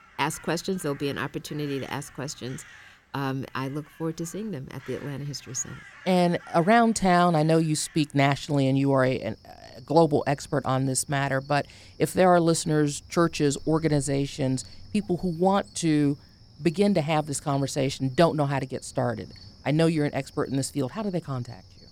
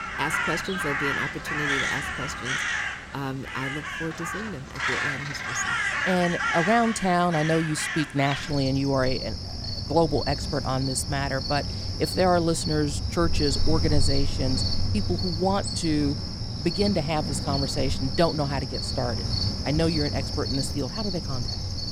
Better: first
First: animal sounds; faint; throughout; 25 dB below the speech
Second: animal sounds; loud; throughout; 1 dB below the speech

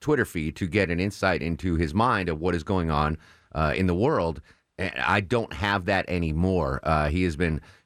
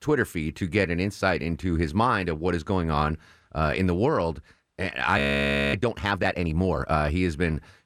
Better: first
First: none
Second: audio freezing; at 5 s for 0.5 s

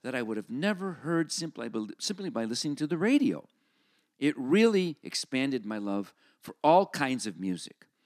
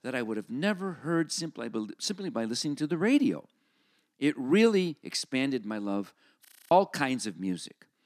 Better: first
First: none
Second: audio freezing; at 6.5 s

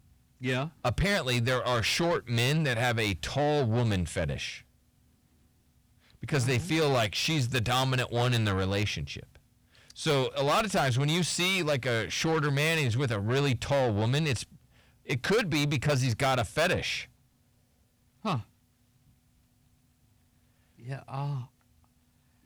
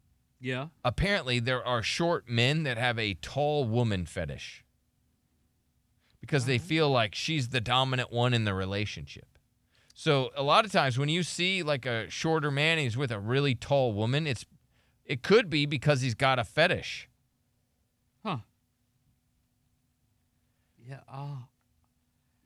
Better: second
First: distortion; heavy; 7 dB below the speech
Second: none

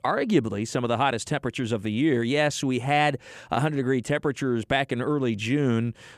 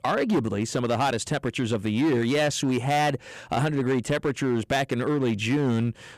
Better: first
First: none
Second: distortion; slight; 11% of the sound clipped

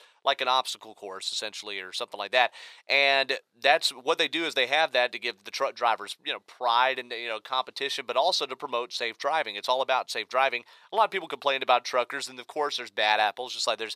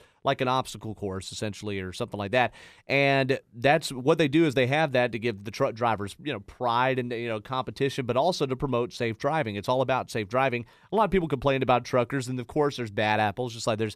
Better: second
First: thin; very; fading below 750 Hz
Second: none

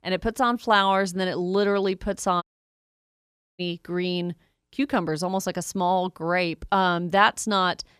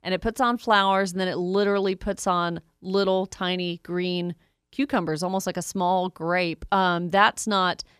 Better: second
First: audio cutting out; at 2.5 s for 1 s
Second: none

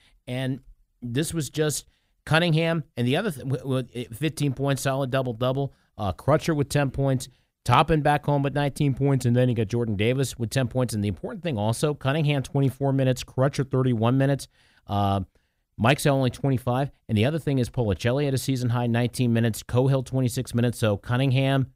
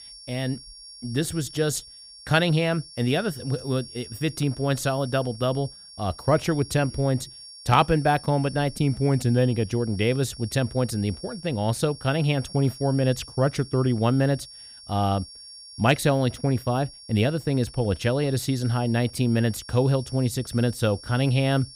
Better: first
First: none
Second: high-pitched whine; noticeable; throughout; 5.5 kHz, 15 dB below the speech

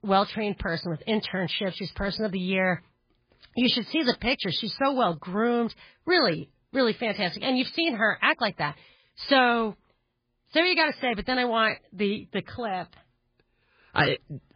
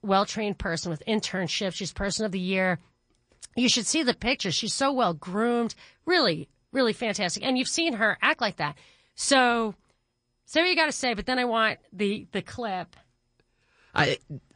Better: second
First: garbled, watery; badly; nothing above 4.5 kHz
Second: garbled, watery; slightly; nothing above 9 kHz

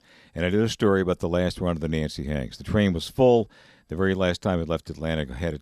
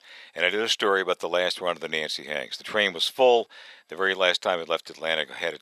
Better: first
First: none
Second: thin; very; fading below 650 Hz

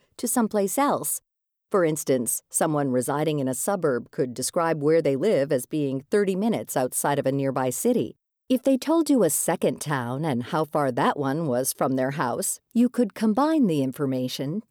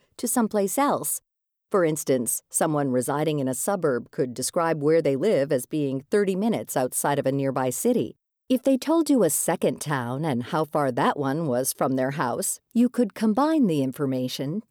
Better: neither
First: none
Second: none

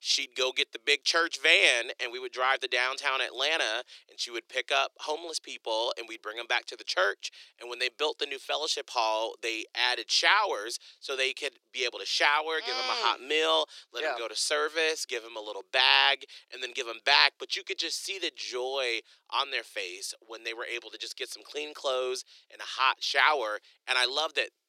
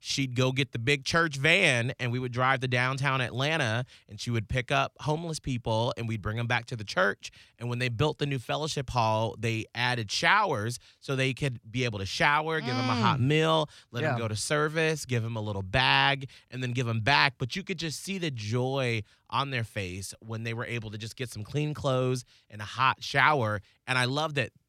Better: second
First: thin; very; fading below 350 Hz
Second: none

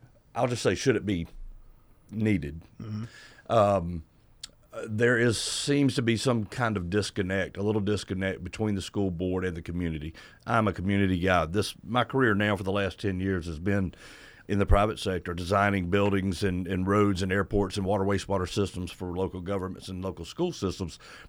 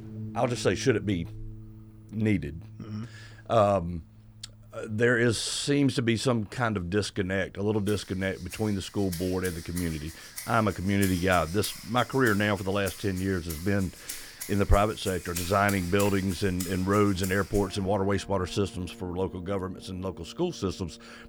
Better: first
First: none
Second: background music; noticeable; throughout; 15 dB below the speech

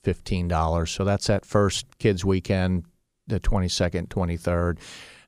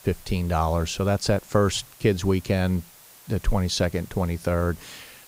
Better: first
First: none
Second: hiss; faint; throughout; 20 dB below the speech

